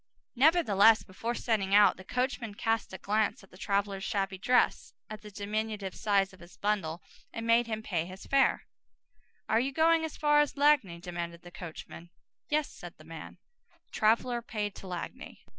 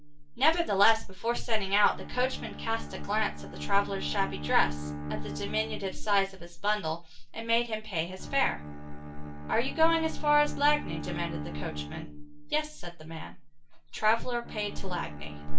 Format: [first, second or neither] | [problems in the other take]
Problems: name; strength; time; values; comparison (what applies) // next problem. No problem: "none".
first | background sound (Bowed string instrument); 13 dB below the speech // room echo; dies away in 0.2 s